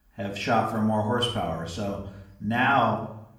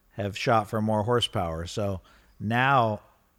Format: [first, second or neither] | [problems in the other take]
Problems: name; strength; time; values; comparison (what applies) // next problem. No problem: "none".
second | off-mic speech; far // room echo; noticeable; dies away in 0.5 s